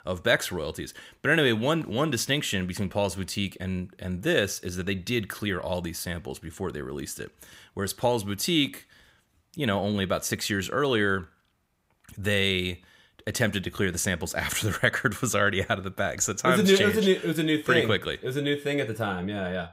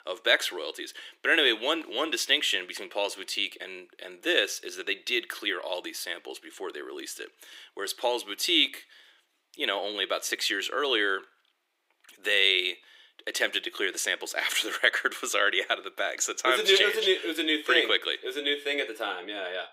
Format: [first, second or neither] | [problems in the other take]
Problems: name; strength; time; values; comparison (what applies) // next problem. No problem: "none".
first | thin; very; fading below 300 Hz